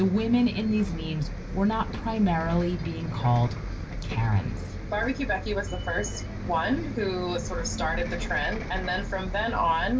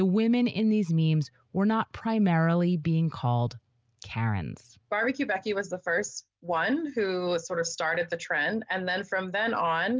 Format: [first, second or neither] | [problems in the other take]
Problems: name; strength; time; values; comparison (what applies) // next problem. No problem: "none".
second | background sound (Bus); 5 dB below the speech // room echo; dies away in 0.2 s